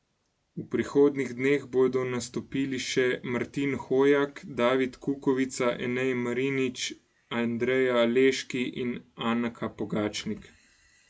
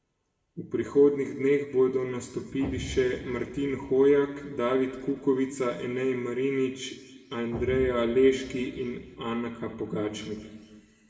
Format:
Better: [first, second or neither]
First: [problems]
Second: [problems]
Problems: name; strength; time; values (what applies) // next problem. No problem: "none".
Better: first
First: none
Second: background sound (Explosion); 16 dB below the speech // room echo; dies away in 1.6 s